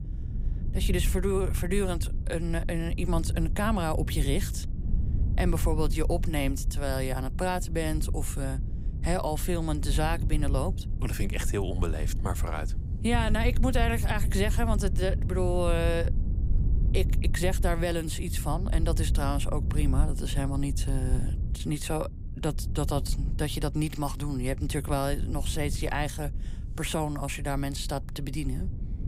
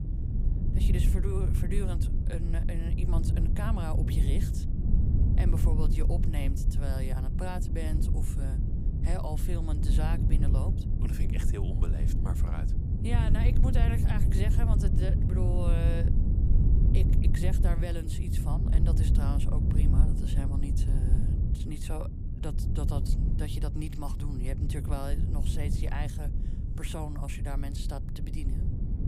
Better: first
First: wind noise on the microphone; occasional gusts; 15 dB below the speech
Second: wind noise on the microphone; heavy; 1 dB below the speech

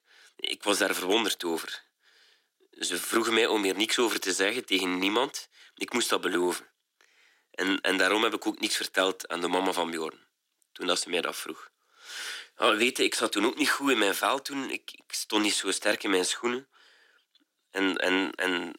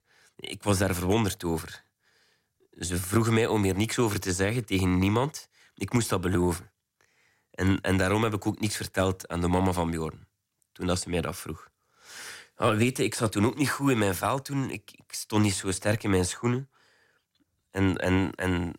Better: second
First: thin; somewhat; fading below 300 Hz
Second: none

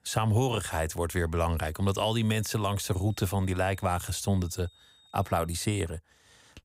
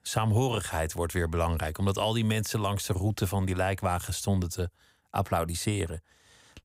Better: second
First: high-pitched whine; faint; from 2 to 5.5 s; 3.5 kHz, 30 dB below the speech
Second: none

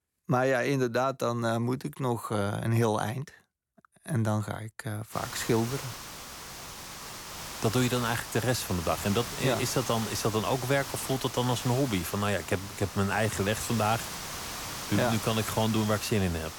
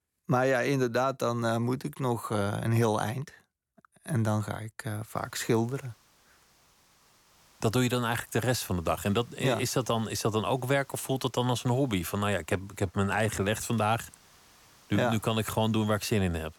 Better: second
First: hiss; loud; from 5 s on; 8 dB below the speech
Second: hiss; faint; from 5 s on; 30 dB below the speech

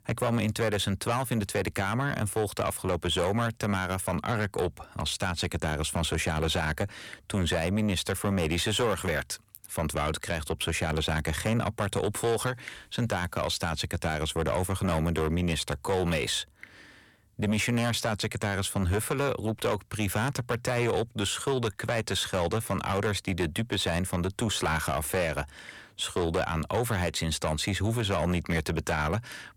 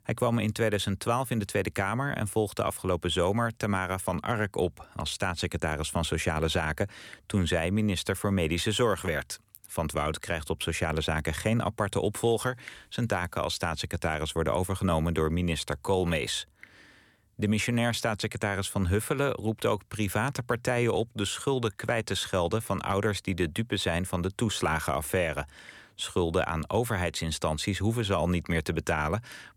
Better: second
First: distortion; slight; 10 dB below the speech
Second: none

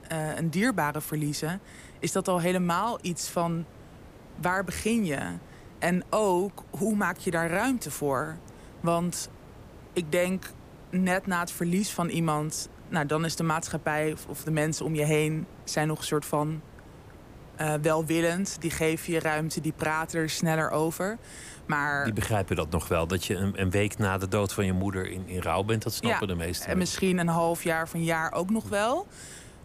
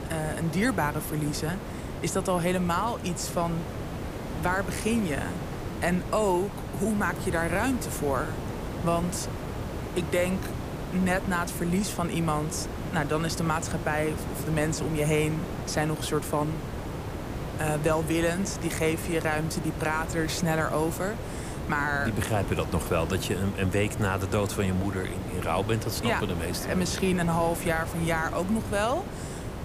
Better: first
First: hiss; faint; throughout; 20 dB below the speech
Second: hiss; loud; throughout; 7 dB below the speech

